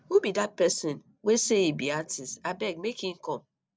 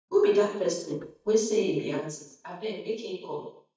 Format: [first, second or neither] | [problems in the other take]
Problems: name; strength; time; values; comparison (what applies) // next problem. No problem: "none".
first | noise reduction (neural mask model DeepFilterNet 3)